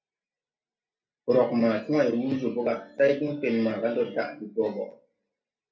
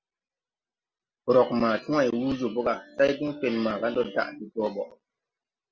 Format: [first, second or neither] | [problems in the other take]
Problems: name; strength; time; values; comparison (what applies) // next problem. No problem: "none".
second | room echo; dies away in 0.3 s